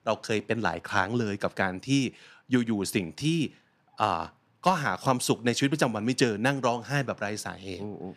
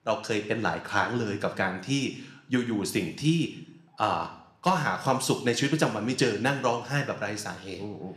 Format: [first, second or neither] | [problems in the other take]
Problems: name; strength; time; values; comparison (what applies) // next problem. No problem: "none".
first | room echo; very slight; dies away in 0.7 s